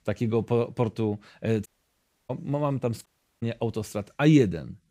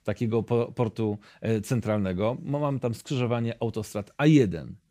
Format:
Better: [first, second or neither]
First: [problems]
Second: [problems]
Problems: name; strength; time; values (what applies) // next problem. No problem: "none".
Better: second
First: audio cutting out; at 1.5 s for 0.5 s and at 3 s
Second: none